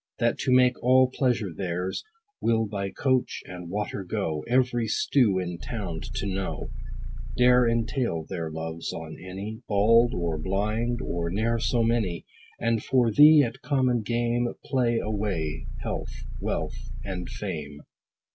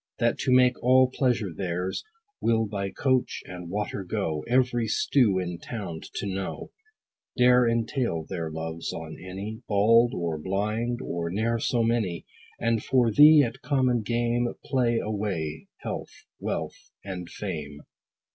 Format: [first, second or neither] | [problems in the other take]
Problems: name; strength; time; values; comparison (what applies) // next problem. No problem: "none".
second | background sound (Idling / Car); 3 dB below the speech